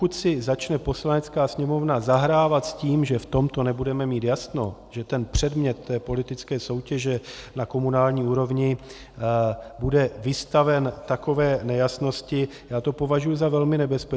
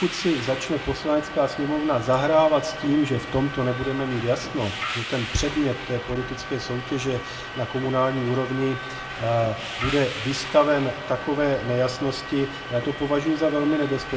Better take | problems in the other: first | background sound (Subway, metro, underground); 10 dB below the speech // room echo; dies away in 1.9 s

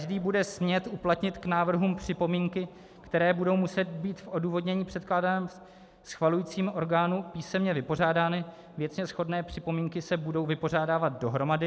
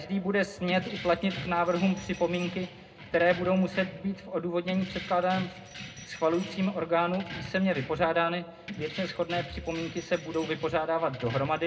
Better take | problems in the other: first | background sound (Keys jangling); 14 dB below the speech // room echo; dies away in 0.2 s

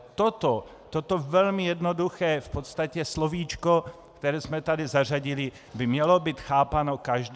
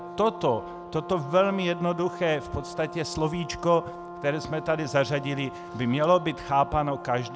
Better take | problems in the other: first | background sound (Brass instrument); 13 dB below the speech

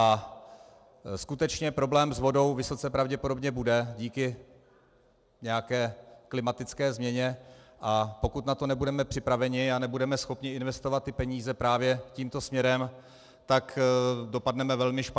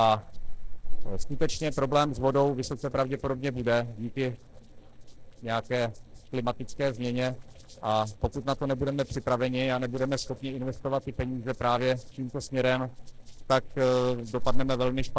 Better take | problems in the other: first | noise reduction (neural separator model SepFormer DNS4)

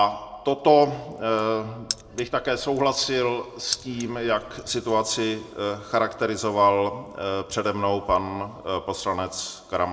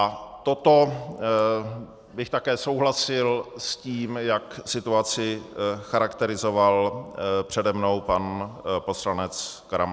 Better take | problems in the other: second | background sound (Keys jangling); 13 dB below the speech // room echo; dies away in 0.6 s

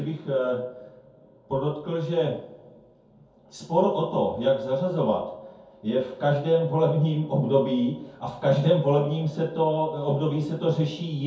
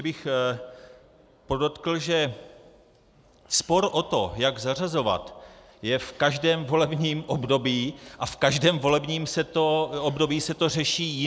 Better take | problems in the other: second | room echo; dies away in 0.6 s

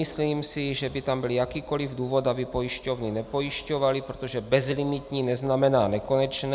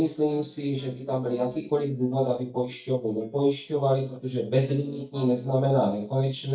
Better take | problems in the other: first | noise reduction (neural mask model DeepFilterNet 3)

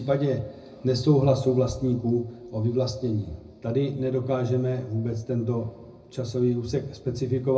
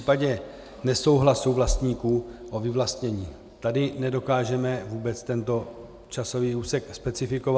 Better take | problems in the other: second | room echo; dies away in 0.4 s

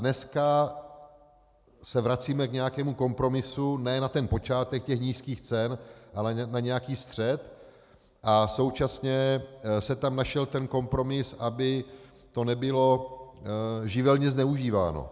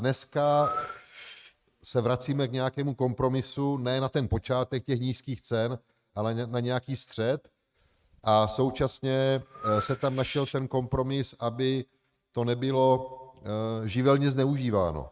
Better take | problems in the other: first | noise reduction (neural mask model RNNoise)

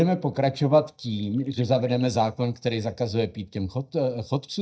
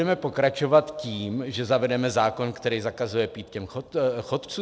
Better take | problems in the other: second | noise reduction (neural mask model DeepFilterNet 3)

